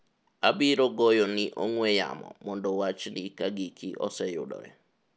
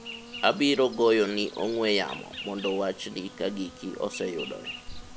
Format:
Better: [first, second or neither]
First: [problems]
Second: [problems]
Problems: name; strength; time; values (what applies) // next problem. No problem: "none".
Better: first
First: none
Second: background sound (Insect); 14 dB below the speech